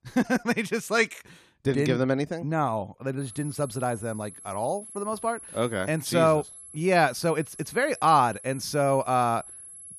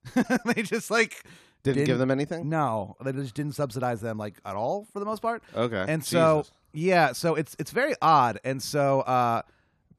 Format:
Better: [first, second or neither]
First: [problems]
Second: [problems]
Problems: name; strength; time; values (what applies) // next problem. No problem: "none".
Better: second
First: high-pitched whine; noticeable; from 3 s on; 11 kHz, 15 dB below the speech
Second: none